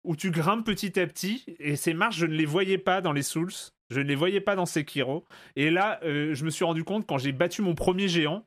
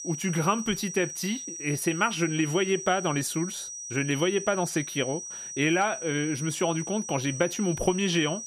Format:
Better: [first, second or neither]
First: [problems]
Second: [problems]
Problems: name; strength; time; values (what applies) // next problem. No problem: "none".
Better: first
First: none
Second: high-pitched whine; loud; throughout; 6 kHz, 8 dB below the speech